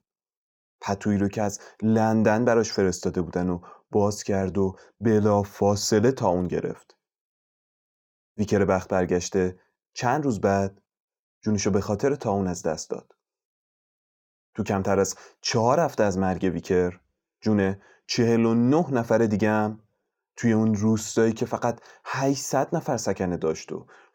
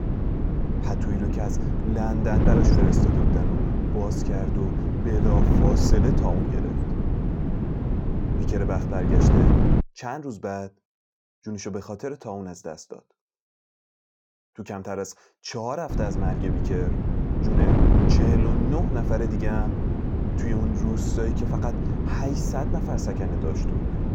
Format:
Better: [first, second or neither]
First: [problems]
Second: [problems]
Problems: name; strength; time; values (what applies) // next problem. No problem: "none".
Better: first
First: none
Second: wind noise on the microphone; heavy; until 10 s and from 16 s on; 2 dB above the speech